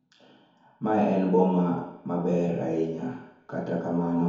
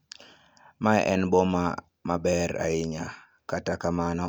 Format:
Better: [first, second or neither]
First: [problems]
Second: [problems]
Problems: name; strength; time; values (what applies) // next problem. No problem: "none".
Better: second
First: room echo; dies away in 2 s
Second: none